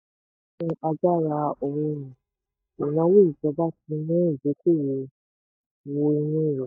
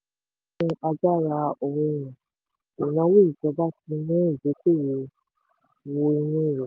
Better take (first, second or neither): second